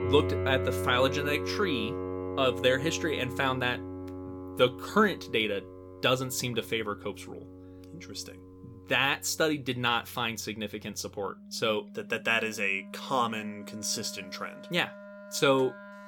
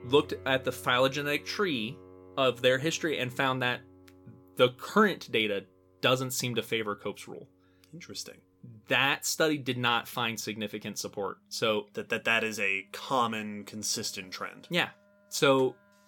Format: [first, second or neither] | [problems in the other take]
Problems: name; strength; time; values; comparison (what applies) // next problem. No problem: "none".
second | background music; loud; throughout; 9 dB below the speech; faint in the second